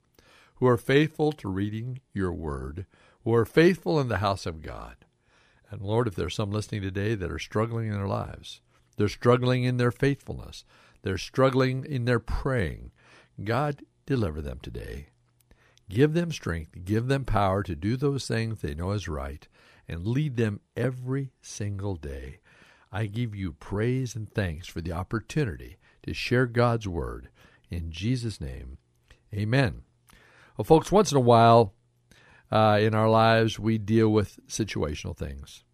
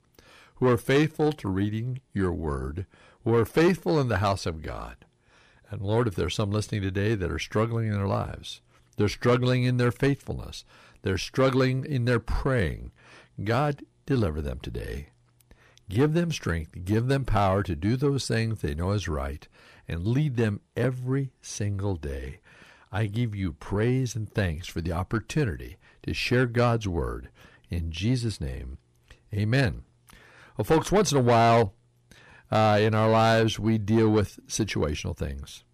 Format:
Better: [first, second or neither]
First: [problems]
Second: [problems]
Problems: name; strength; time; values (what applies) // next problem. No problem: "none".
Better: first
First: none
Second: distortion; slight; 10 dB below the speech